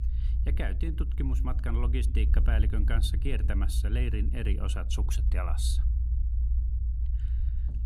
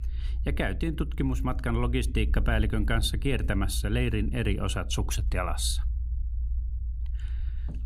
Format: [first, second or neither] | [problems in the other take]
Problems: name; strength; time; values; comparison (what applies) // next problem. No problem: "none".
second | low rumble; loud; throughout; 9 dB below the speech; faint in the second